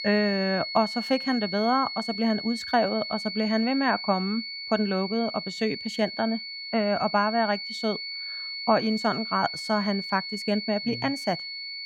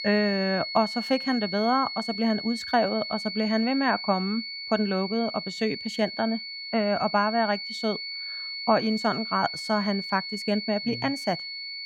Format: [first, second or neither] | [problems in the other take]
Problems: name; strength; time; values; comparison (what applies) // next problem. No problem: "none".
neither | high-pitched whine; loud; throughout; 4.5 kHz, 6 dB below the speech; the same in both